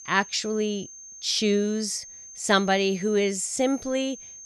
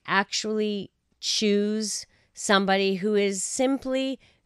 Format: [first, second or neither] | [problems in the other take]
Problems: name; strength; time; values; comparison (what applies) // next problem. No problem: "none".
second | high-pitched whine; noticeable; throughout; 6.5 kHz, 15 dB below the speech